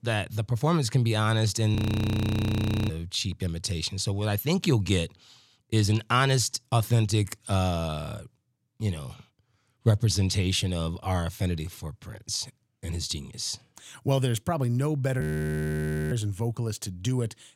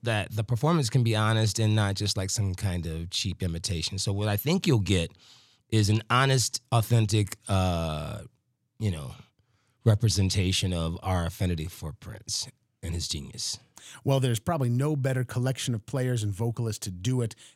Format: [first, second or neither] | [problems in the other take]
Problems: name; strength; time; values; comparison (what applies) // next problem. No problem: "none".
second | audio freezing; at 2 s for 1 s and at 15 s for 1 s